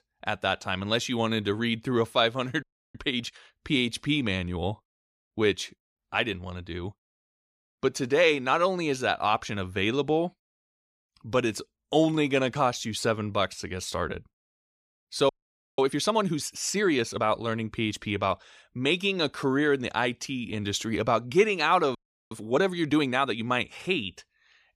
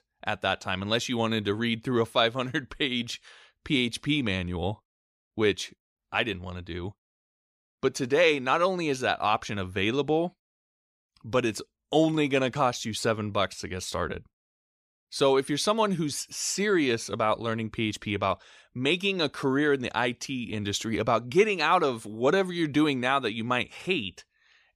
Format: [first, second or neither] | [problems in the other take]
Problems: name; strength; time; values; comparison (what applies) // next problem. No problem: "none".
second | audio freezing; at 2.5 s, at 15 s and at 22 s